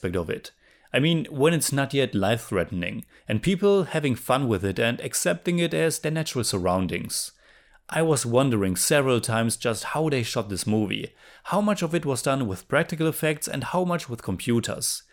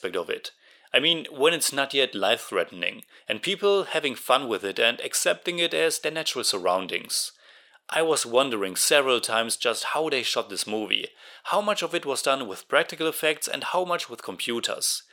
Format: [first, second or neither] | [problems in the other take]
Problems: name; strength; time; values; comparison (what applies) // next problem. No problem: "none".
first | thin; somewhat; fading below 450 Hz